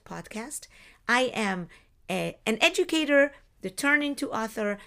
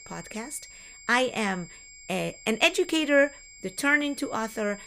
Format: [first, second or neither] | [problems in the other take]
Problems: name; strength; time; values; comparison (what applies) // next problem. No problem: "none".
first | high-pitched whine; noticeable; throughout; 2 kHz, 20 dB below the speech